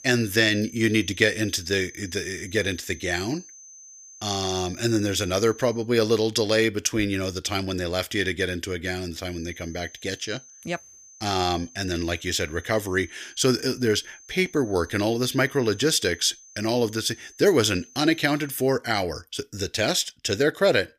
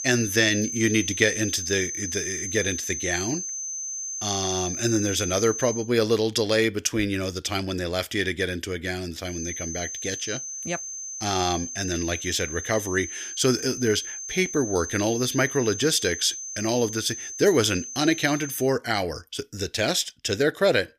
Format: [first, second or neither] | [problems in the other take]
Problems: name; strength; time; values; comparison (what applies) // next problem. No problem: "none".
first | high-pitched whine; loud; until 6 s and from 9.5 to 19 s; 6.5 kHz, 6 dB below the speech; faint in the first